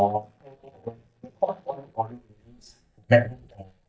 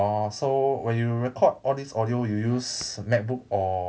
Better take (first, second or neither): second